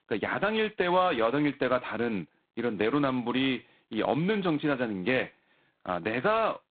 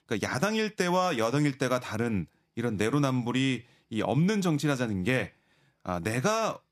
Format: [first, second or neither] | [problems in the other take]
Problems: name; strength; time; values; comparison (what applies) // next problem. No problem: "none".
second | phone-call audio; poor line; nothing above 3.5 kHz